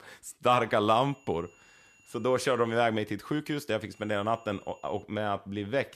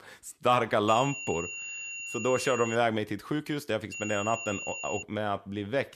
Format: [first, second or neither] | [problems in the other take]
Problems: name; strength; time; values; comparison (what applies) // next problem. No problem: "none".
first | high-pitched whine; loud; from 1 to 3 s and from 4 to 5 s; 3 kHz, 7 dB below the speech; faint in the first